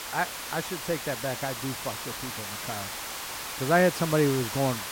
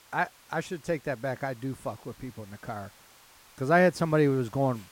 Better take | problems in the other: second | hiss; loud; throughout; 6 dB below the speech; faint in the second

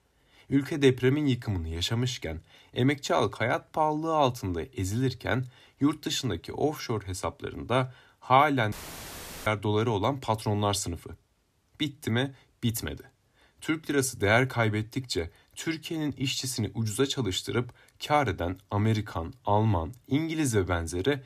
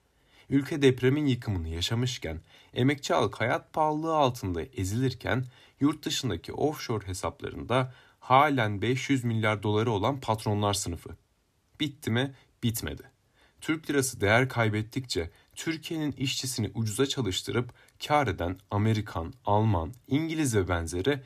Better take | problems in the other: second | audio cutting out; filled with static; at 8.5 s for 0.5 s

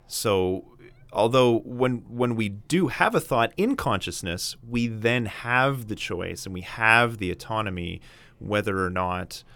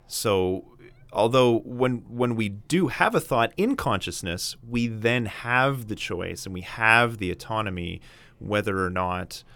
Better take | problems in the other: neither | none

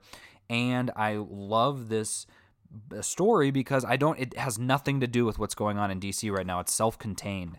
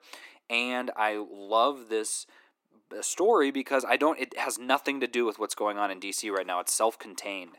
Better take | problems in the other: first | thin; somewhat; fading below 300 Hz

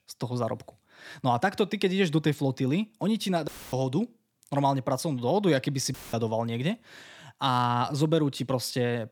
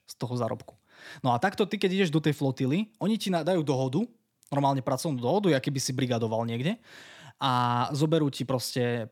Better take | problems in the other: second | audio cutting out; filled with static; at 3.5 s and at 6 s

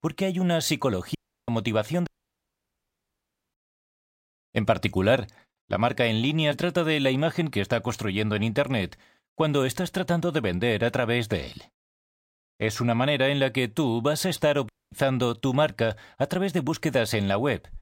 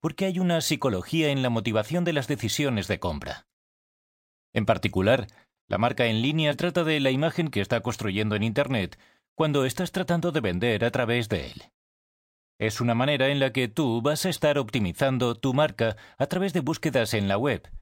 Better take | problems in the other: second | audio cutting out; at 1 s, at 2 s for 1.5 s and at 15 s

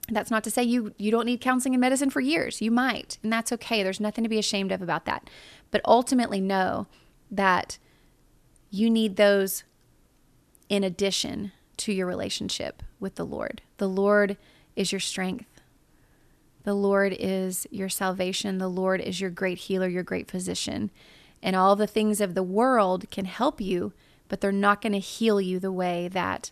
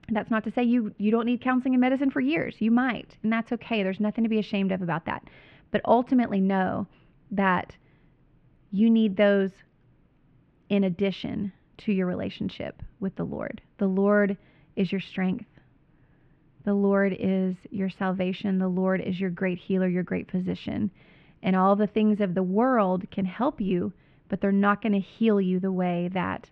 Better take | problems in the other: first | muffled; very; fading above 2.5 kHz

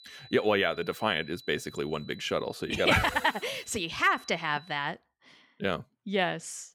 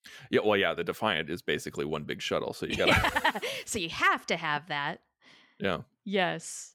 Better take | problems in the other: second | high-pitched whine; faint; until 5 s; 4 kHz, 20 dB below the speech

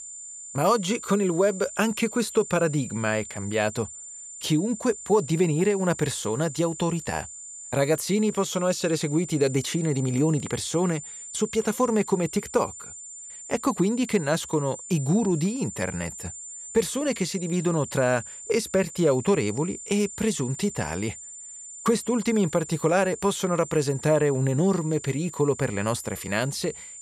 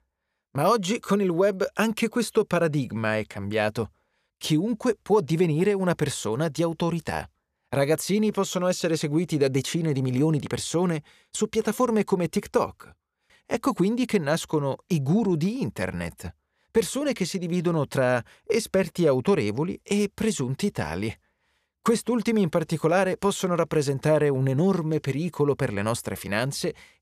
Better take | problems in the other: second | high-pitched whine; noticeable; throughout; 7 kHz, 10 dB below the speech

